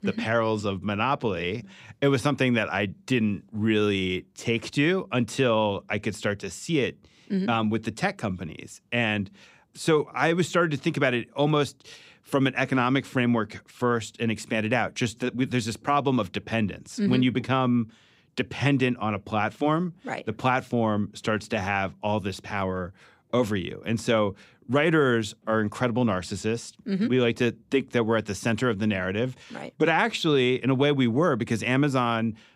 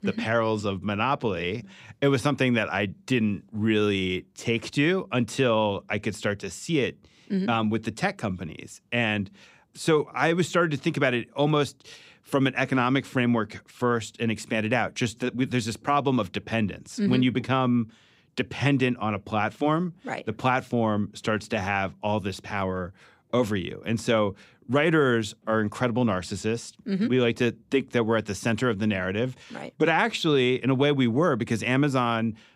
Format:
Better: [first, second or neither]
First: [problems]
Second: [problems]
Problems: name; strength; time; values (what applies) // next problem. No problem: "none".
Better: neither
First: none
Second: none